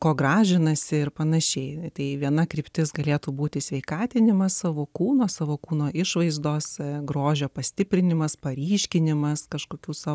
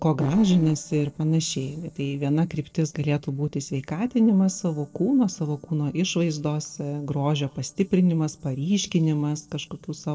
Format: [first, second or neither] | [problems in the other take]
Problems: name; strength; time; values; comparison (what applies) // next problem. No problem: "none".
first | noise reduction (neural separator model SepFormer DNS4)